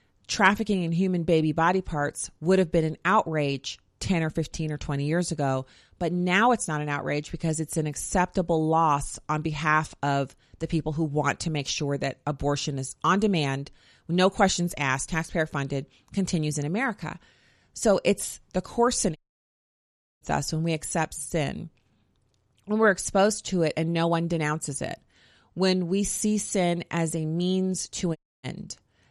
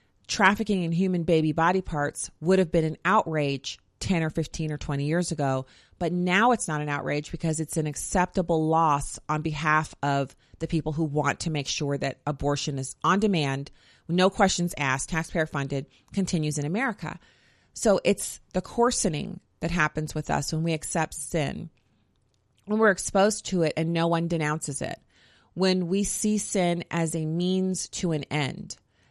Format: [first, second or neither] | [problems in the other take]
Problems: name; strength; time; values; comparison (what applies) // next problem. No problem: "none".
second | audio cutting out; at 19 s for 1 s and at 28 s